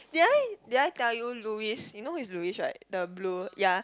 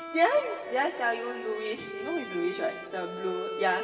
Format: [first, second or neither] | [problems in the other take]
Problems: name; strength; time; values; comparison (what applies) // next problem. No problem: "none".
first | background sound (Bowed string instrument); 8 dB below the speech // room echo; dies away in 2.6 s